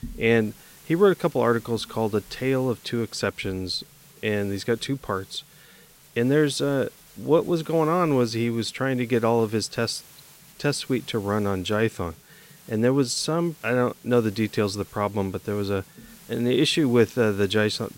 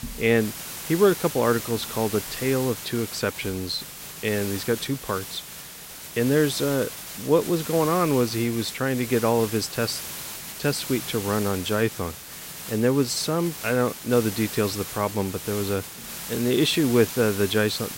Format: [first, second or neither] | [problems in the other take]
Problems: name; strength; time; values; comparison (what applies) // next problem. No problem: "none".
first | hiss; loud; throughout; 9 dB below the speech; faint in the first